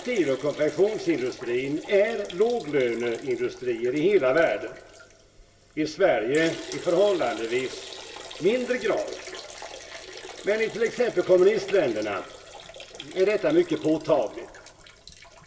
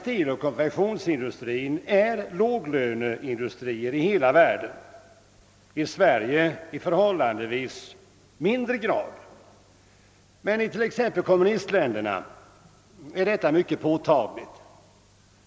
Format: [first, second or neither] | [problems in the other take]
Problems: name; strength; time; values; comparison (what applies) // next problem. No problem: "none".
second | background sound (Liquid); 17 dB below the speech // room echo; dies away in 0.2 s